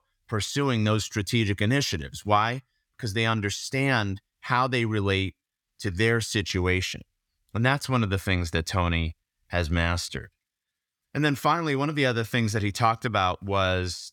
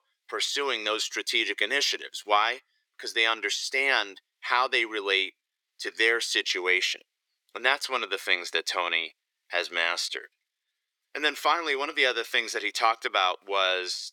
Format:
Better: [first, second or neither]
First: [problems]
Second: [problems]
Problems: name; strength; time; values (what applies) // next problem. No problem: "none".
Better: first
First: none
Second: thin; very; fading below 350 Hz